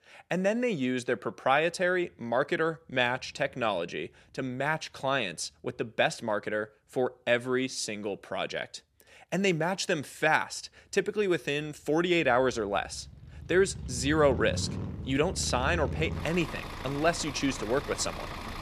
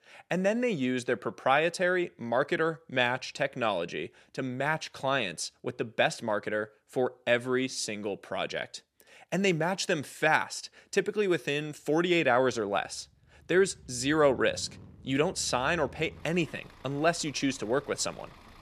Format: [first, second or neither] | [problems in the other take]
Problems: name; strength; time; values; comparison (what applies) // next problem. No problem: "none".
second | traffic noise; loud; throughout; 9 dB below the speech; faint in the second